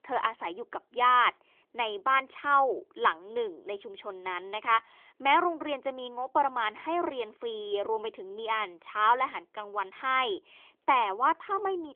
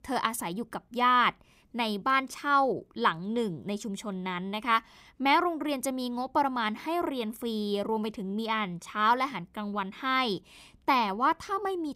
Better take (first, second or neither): second